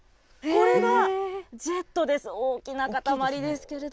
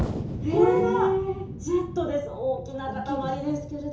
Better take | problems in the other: first | background sound (Explosion); 9 dB below the speech // room echo; dies away in 0.7 s

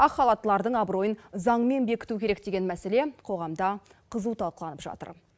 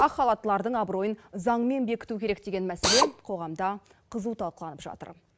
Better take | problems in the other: first | background sound (Drill); 6 dB below the speech

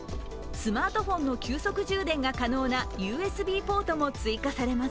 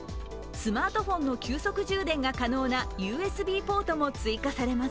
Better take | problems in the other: second | background sound (Bird / Dog + Car); 15 dB below the speech

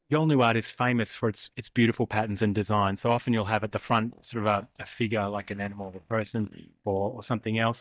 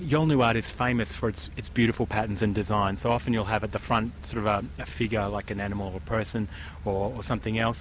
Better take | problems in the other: second | noise reduction (neural mask model DeepFilterNet 3)

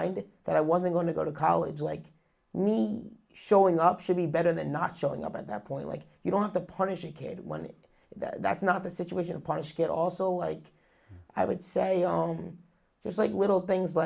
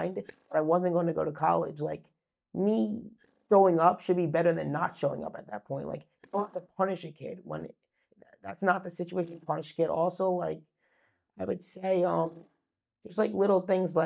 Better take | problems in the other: first | noise reduction (neural mask model DeepFilterNet 3)

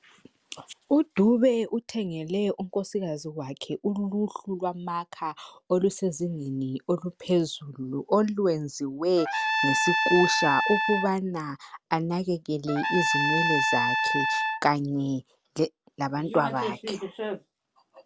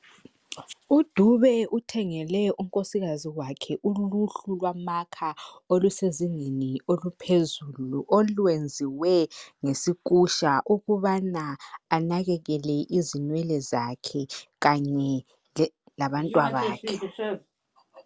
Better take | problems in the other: second | background sound (Trumpet); 1 dB above the speech

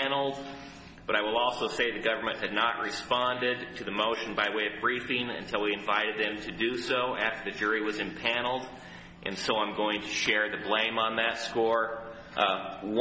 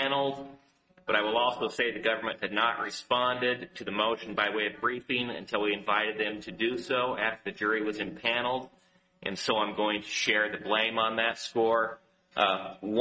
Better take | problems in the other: first | noise reduction (neural mask model RNNoise)

